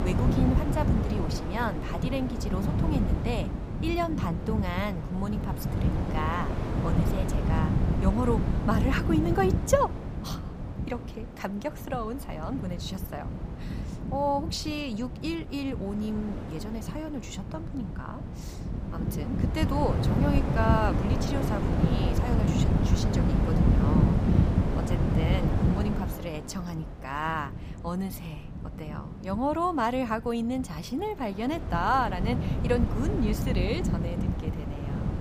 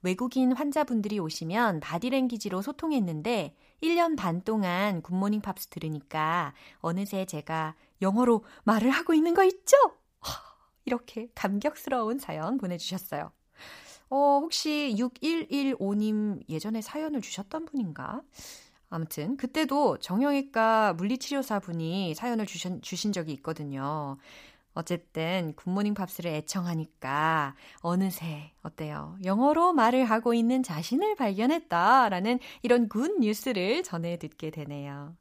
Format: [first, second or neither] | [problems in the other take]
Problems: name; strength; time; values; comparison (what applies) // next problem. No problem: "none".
second | wind noise on the microphone; heavy; 4 dB below the speech